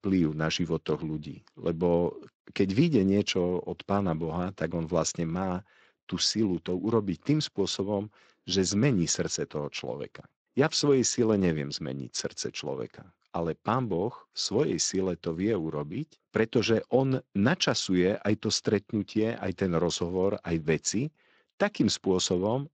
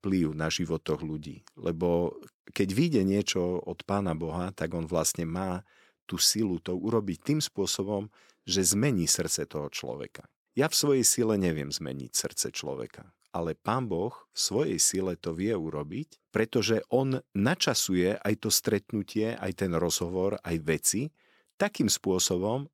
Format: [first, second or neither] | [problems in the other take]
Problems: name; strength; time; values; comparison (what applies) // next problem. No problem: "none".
second | garbled, watery; slightly; nothing above 7.5 kHz